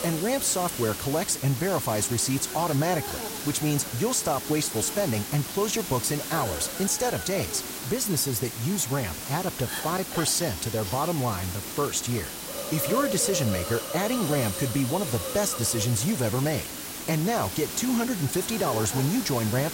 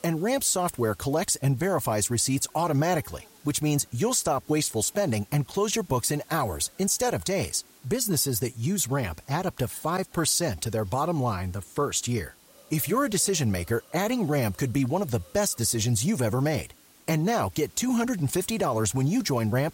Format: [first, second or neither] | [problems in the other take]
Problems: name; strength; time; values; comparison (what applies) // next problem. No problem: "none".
second | hiss; loud; throughout; 6 dB below the speech; faint in the second